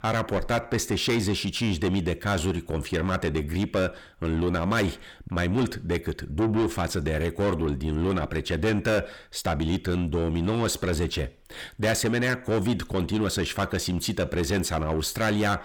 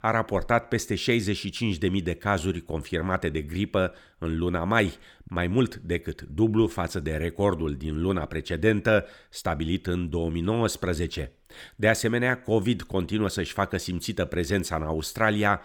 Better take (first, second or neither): second